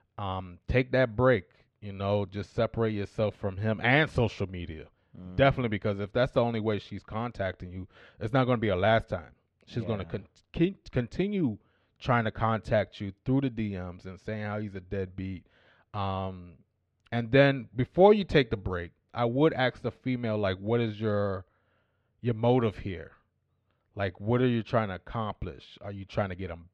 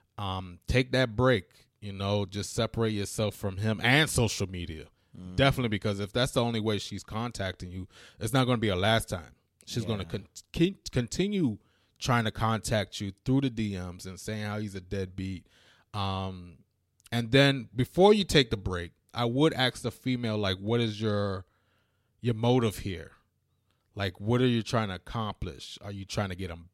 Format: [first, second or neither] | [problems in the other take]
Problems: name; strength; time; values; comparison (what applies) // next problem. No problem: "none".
second | muffled; very; fading above 2 kHz